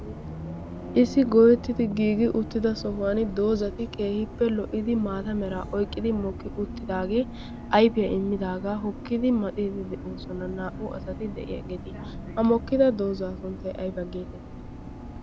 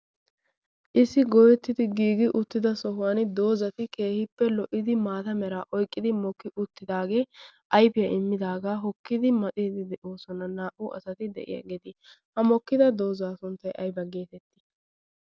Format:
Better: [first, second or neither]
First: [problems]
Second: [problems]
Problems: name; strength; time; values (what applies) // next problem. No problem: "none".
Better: second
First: background sound (Bus); 11 dB below the speech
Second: none